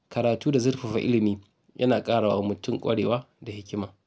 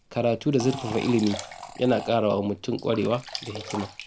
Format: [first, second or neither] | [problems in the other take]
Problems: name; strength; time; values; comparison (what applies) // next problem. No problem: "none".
first | background sound (Fart + Sink (filling or washing)); 14 dB below the speech